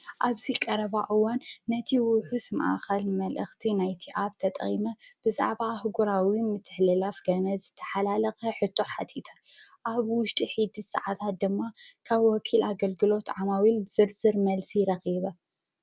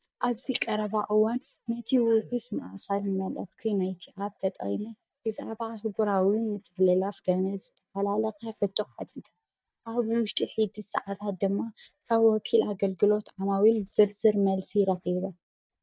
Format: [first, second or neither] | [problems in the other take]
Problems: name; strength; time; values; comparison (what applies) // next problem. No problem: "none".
first | noise reduction (neural mask model DeepFilterNet 3)